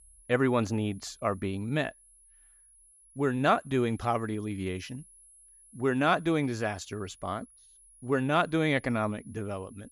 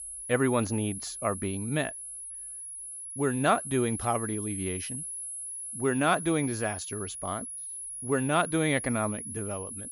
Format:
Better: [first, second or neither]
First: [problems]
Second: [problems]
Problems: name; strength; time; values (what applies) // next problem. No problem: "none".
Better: first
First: high-pitched whine; faint; throughout; 10.5 kHz, 25 dB below the speech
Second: high-pitched whine; loud; throughout; 10.5 kHz, 6 dB below the speech